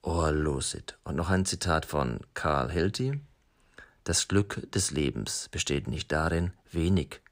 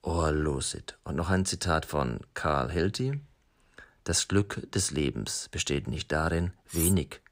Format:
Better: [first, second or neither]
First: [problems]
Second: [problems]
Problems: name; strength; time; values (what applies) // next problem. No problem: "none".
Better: first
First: none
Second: clattering dishes; noticeable; at 6.5 s; peak level with the speech